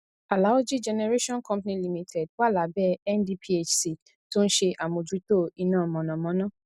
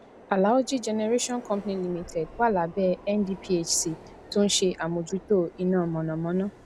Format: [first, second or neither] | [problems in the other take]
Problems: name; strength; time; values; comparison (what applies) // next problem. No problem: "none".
first | background sound (Subway, metro, underground); 20 dB below the speech